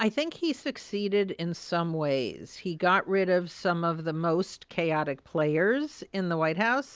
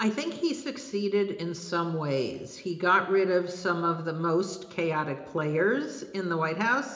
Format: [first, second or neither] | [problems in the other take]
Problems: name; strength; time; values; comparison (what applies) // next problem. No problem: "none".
first | room echo; dies away in 0.8 s